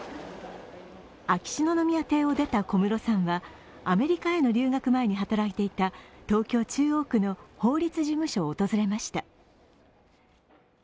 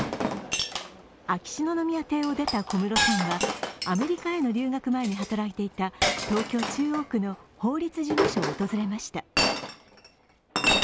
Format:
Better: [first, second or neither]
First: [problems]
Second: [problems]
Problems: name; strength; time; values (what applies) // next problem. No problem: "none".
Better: first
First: none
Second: background sound (Chink, clink); 1 dB below the speech